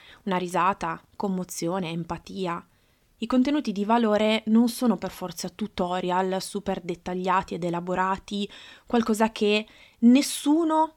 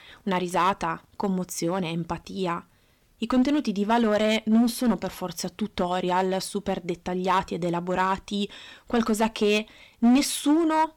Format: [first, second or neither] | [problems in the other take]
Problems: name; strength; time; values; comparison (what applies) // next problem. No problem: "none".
first | distortion; slight; 5% of the sound clipped